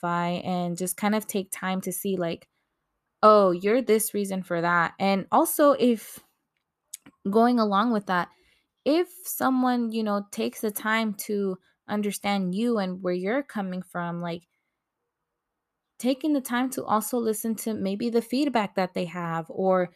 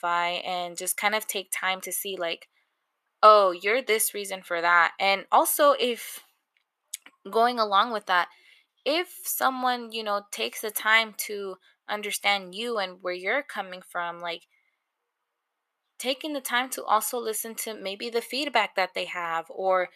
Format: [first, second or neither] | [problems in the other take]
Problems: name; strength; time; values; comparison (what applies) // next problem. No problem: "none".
first | thin; very; fading below 600 Hz